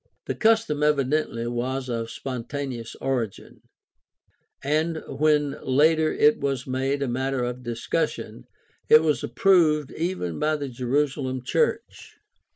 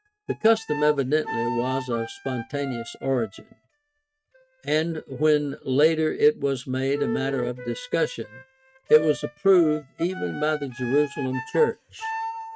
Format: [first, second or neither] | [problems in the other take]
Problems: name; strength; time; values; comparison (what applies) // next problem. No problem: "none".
first | noise reduction (neural mask model RNNoise)